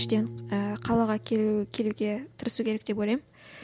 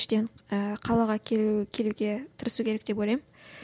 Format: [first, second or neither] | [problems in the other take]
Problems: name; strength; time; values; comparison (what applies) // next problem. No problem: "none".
second | background sound (Piano); 15 dB below the speech